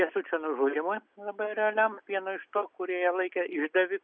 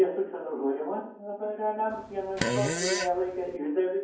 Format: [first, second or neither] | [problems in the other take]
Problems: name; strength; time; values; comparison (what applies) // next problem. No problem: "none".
first | background sound (Fart); 2 dB below the speech // room echo; dies away in 0.9 s